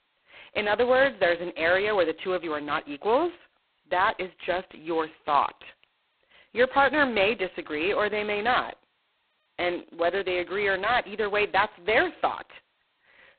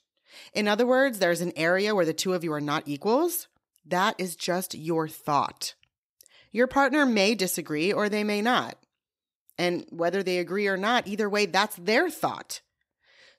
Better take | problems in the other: second | phone-call audio; poor line; nothing above 4 kHz

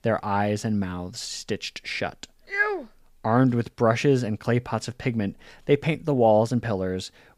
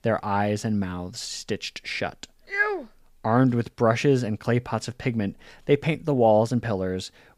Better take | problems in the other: neither | none

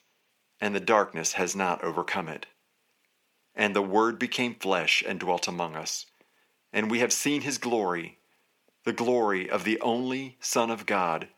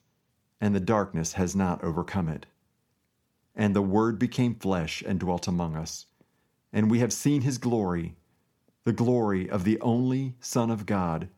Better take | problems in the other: second | thin; somewhat; fading below 400 Hz

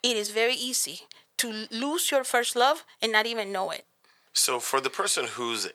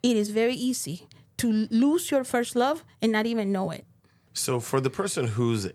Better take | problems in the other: second | thin; very; fading below 650 Hz

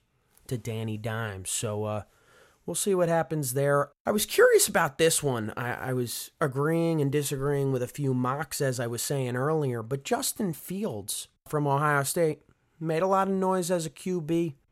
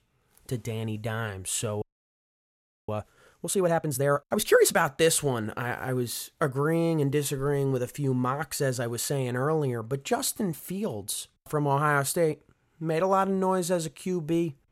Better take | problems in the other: first | audio freezing; at 2 s for 1 s

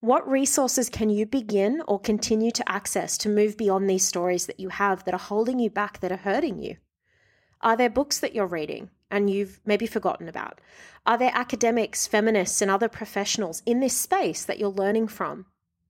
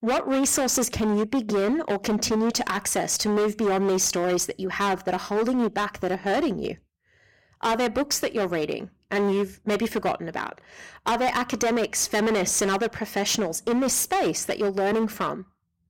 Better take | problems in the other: first | distortion; heavy; 19% of the sound clipped

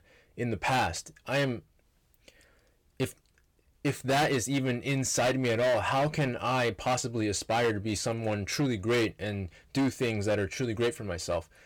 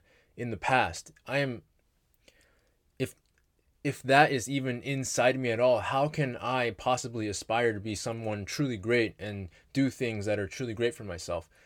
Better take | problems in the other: second | distortion; heavy; 10% of the sound clipped

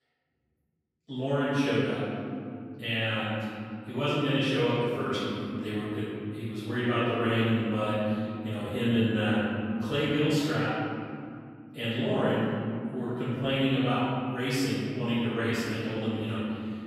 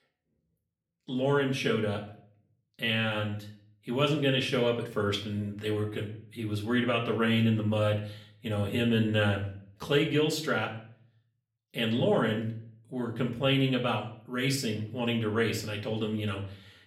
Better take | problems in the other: second | room echo; strong; dies away in 2.7 s; slight in the second // off-mic speech; far; far in the second

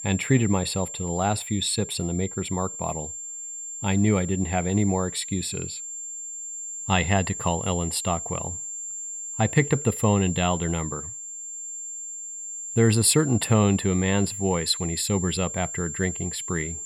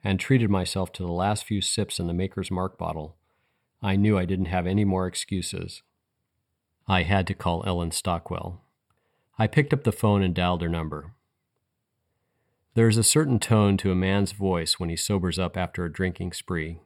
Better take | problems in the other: second | high-pitched whine; loud; throughout; 7.5 kHz, 8 dB below the speech

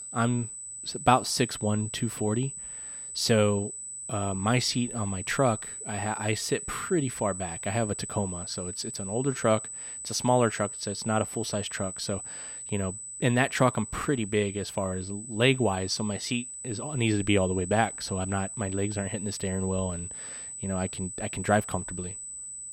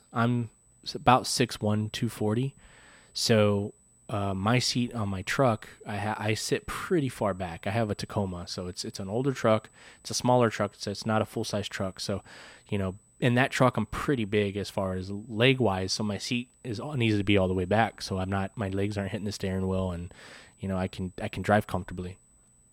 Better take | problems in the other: second | high-pitched whine; loud; throughout; 8 kHz, 8 dB below the speech; faint in the second

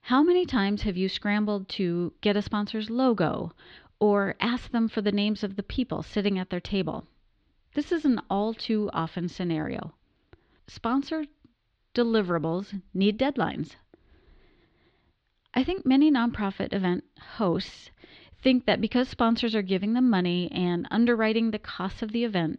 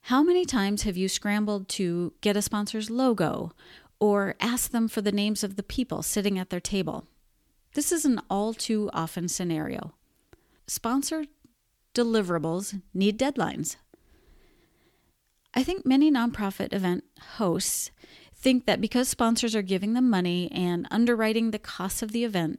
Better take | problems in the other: second | muffled; slightly; fading above 4 kHz

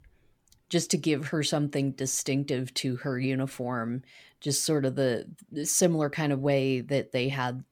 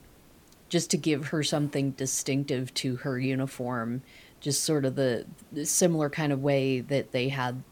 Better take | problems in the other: first | hiss; faint; throughout; 30 dB below the speech

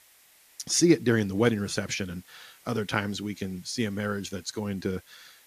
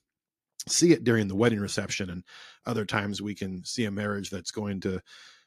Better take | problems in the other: second | hiss; faint; throughout; 25 dB below the speech

